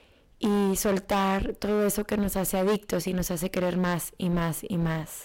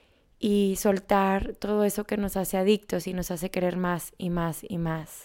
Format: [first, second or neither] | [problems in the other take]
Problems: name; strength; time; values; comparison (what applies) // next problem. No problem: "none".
second | distortion; heavy; 13% of the sound clipped